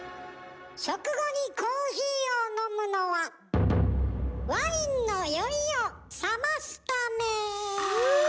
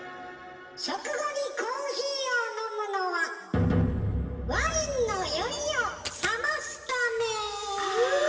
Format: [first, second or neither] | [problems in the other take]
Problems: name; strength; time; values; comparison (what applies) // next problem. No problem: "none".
first | background sound (Coin (dropping)); 8 dB below the speech // room echo; dies away in 1.9 s